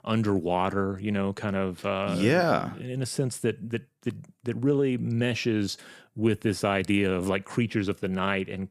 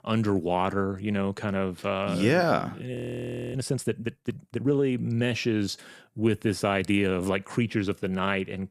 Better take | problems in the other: first | audio freezing; at 3 s for 0.5 s

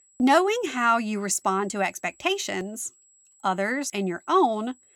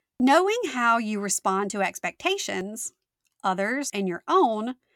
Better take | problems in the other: second | high-pitched whine; faint; throughout; 7.5 kHz, 30 dB below the speech

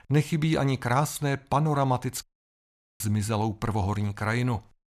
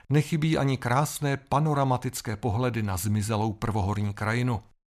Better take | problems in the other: second | audio cutting out; at 2 s for 1 s

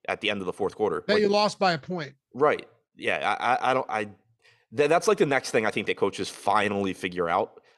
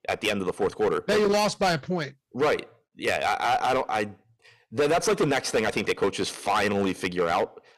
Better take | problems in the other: first | distortion; heavy; 10% of the sound clipped

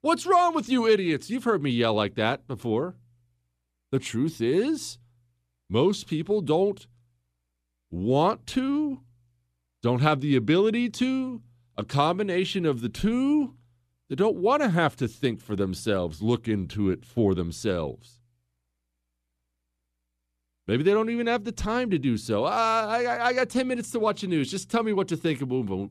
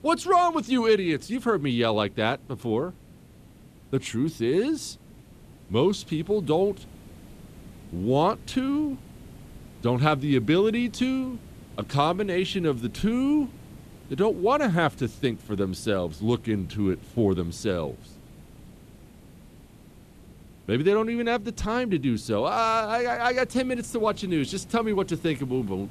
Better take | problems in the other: first | hiss; faint; throughout; 25 dB below the speech

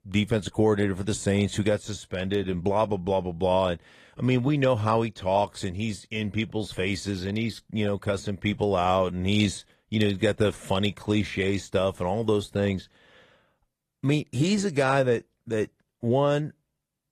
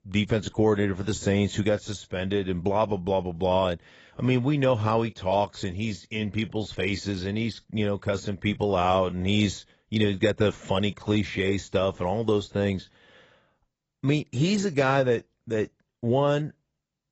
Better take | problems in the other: first | garbled, watery; badly; nothing above 7.5 kHz; slightly in the first

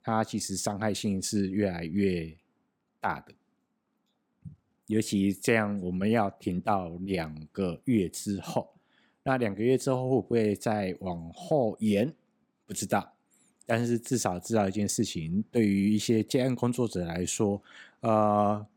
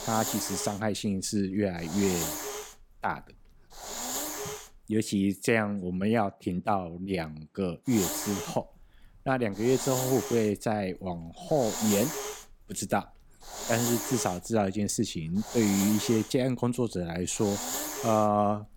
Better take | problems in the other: first | hiss; loud; until 5 s and from 8 s on; 5 dB below the speech

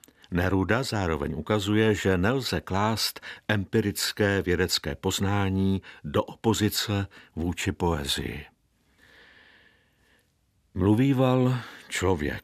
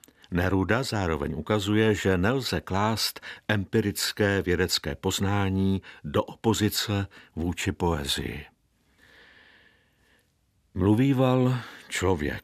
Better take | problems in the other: neither | none

